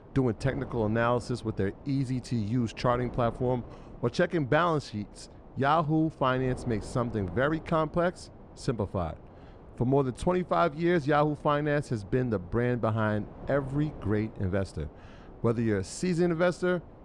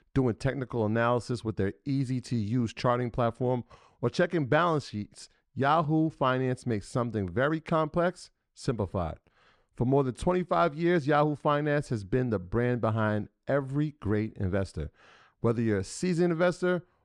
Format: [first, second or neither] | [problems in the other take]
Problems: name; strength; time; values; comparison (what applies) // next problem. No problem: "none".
second | wind noise on the microphone; occasional gusts; 20 dB below the speech